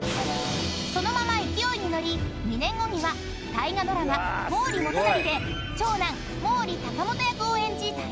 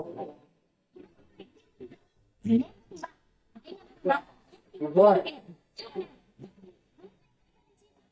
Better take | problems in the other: first | noise reduction (neural mask model DeepFilterNet 3)

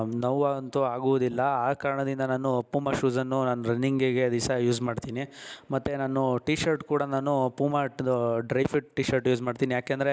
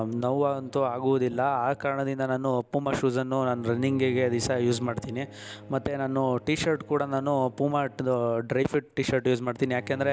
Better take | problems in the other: first | background sound (Bowed string instrument); 20 dB below the speech

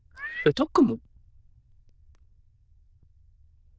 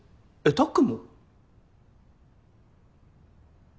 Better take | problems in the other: second | noise reduction (neural diffusion model UNIVERSE++)

